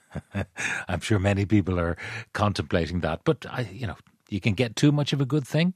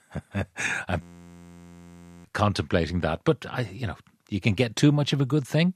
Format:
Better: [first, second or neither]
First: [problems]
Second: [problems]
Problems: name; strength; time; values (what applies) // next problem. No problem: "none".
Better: first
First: none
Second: audio freezing; at 1 s for 1 s